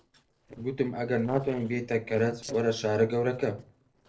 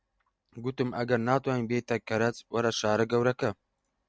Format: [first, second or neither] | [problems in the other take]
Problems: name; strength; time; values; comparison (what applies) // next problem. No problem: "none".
second | noise reduction (neural separator model SepFormer DNS4)